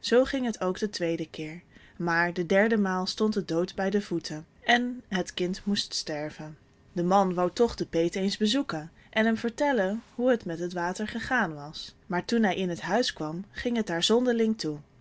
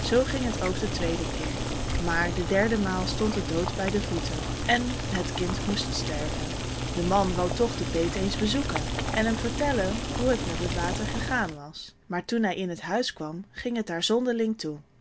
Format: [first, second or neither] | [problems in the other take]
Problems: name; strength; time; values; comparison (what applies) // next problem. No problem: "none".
first | background sound (Boiling); 3 dB below the speech